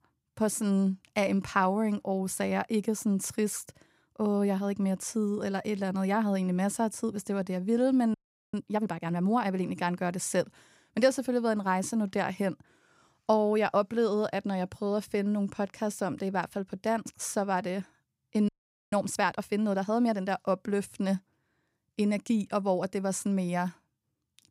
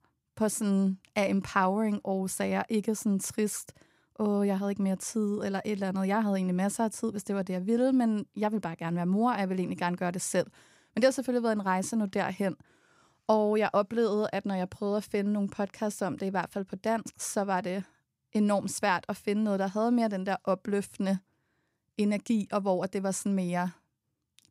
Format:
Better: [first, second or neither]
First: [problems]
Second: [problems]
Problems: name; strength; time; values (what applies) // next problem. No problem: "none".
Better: second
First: audio freezing; at 8 s and at 18 s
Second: none